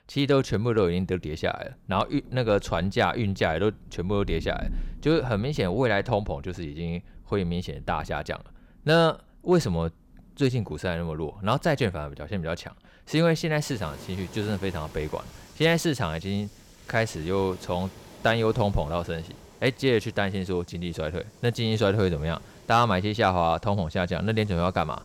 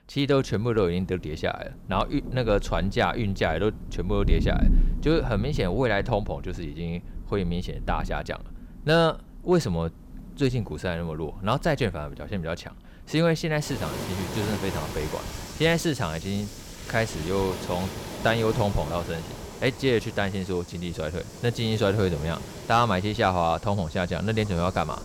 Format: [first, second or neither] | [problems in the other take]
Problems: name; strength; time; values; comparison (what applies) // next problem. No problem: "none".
first | rain or running water; loud; throughout; 9 dB below the speech; faint in the first